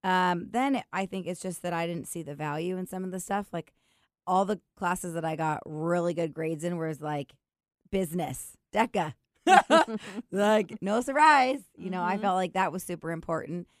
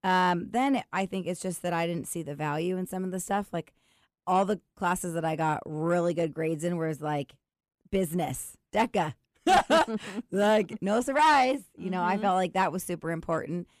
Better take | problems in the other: first | distortion; slight; 10 dB below the speech

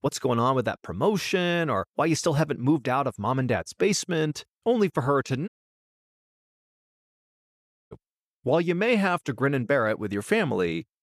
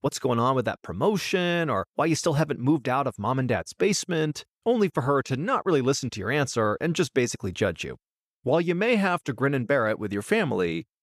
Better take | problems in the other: second | audio cutting out; at 5.5 s for 2.5 s

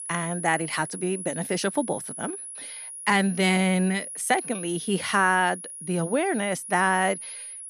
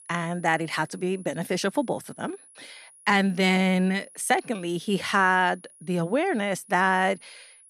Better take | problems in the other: second | high-pitched whine; loud; throughout; 10.5 kHz, 10 dB below the speech; faint in the second

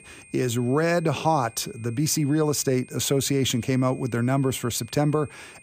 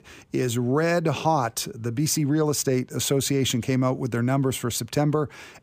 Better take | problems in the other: second | high-pitched whine; faint; throughout; 2.5 kHz, 25 dB below the speech

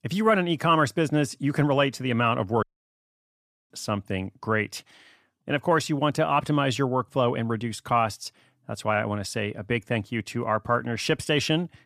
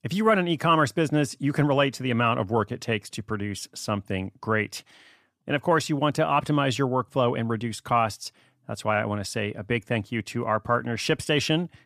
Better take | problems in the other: second | audio cutting out; at 2.5 s for 1 s

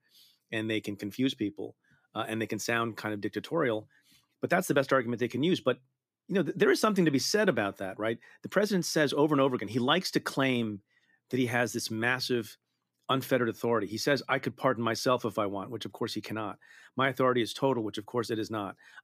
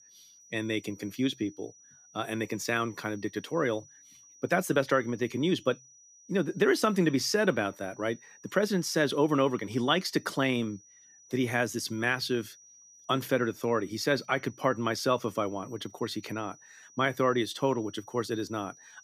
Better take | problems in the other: first | high-pitched whine; faint; throughout; 6 kHz, 25 dB below the speech

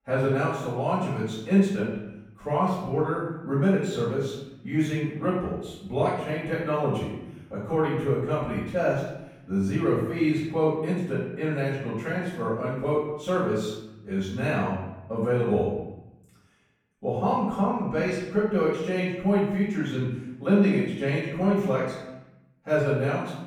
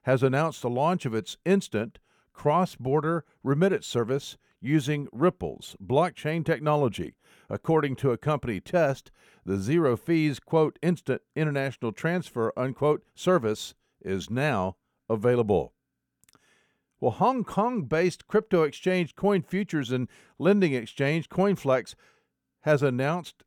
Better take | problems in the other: second | off-mic speech; far // room echo; noticeable; dies away in 0.9 s

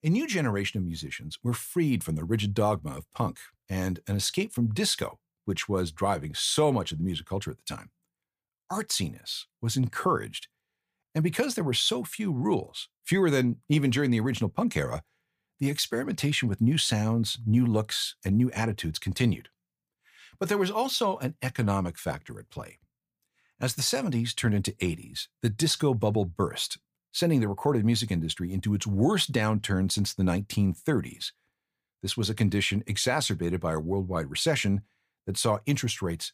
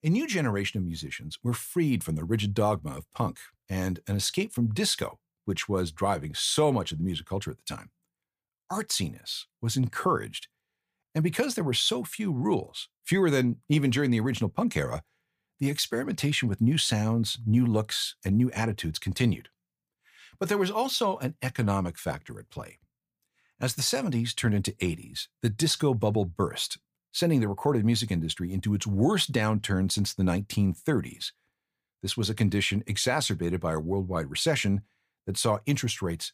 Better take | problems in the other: neither | none

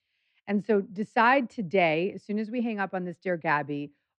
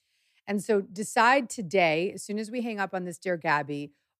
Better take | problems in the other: second | muffled; slightly; fading above 3.5 kHz

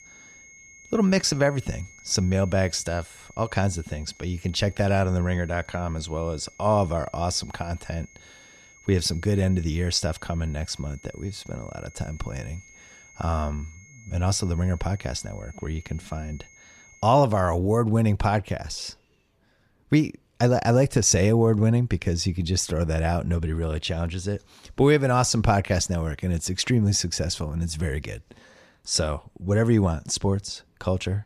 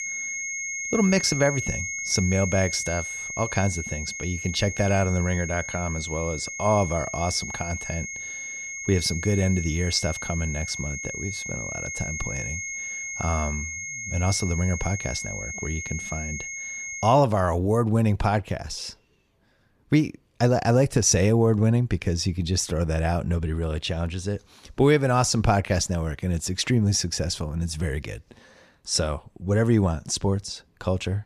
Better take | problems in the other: first | high-pitched whine; loud; until 17 s; 2 kHz, 6 dB below the speech; faint in the first

